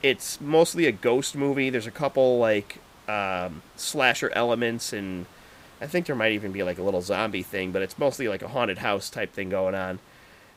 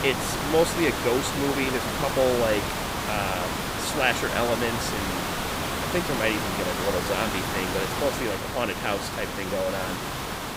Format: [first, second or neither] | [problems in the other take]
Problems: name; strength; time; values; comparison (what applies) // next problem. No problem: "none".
first | hiss; loud; throughout; 1 dB below the speech; faint in the first